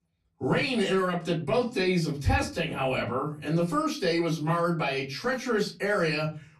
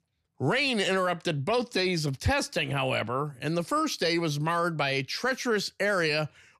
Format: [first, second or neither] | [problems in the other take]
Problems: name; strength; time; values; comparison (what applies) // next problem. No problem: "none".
second | off-mic speech; far // room echo; very slight; dies away in 0.3 s